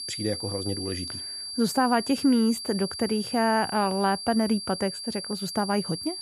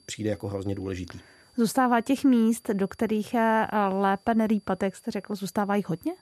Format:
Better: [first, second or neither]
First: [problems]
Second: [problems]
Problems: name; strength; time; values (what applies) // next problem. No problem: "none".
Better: second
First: high-pitched whine; loud; throughout; 4.5 kHz, 7 dB below the speech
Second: high-pitched whine; faint; throughout; 4.5 kHz, 35 dB below the speech